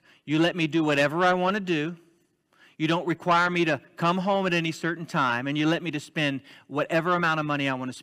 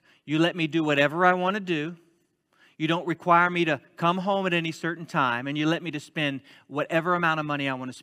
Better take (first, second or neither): second